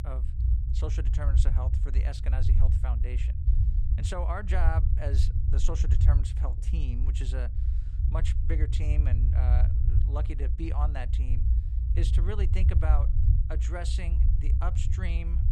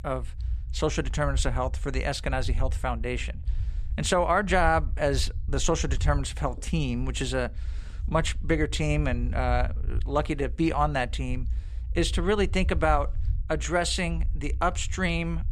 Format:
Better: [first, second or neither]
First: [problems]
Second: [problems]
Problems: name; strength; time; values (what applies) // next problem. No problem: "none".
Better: second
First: low rumble; loud; throughout; 5 dB below the speech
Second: low rumble; faint; throughout; 25 dB below the speech